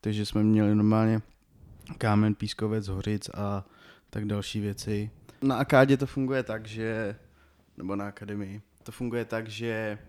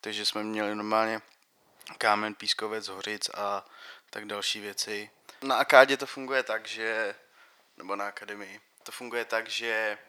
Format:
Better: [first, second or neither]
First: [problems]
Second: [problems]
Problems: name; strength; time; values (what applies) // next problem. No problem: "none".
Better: first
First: none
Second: thin; very; fading below 750 Hz